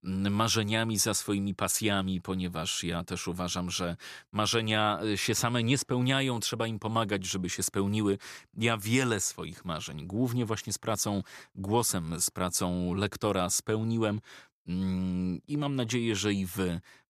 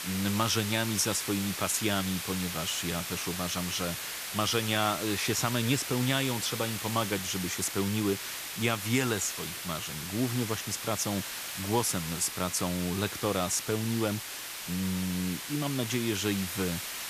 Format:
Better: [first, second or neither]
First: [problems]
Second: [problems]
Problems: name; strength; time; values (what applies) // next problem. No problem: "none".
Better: first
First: none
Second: hiss; loud; throughout; 4 dB below the speech